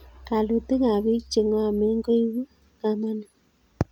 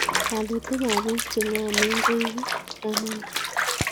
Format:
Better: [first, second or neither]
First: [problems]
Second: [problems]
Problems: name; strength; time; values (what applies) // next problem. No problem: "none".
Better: first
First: none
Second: background sound (Bathtub (filling or washing) / Water); 1 dB above the speech